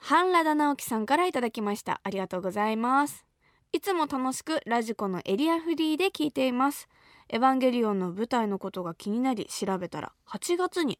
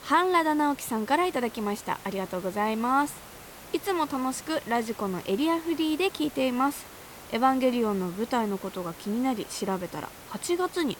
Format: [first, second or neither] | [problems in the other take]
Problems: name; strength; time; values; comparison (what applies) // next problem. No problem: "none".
first | hiss; noticeable; throughout; 15 dB below the speech